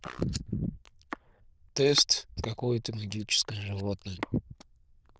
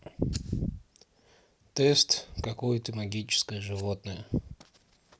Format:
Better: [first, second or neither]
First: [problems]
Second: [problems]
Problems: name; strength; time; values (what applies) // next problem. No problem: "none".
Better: second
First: noise reduction (neural diffusion model UNIVERSE++)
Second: none